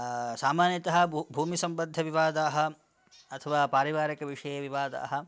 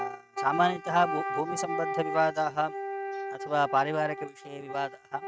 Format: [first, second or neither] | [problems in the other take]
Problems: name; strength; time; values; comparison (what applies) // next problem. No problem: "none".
first | noise reduction (neural mask model RNNoise)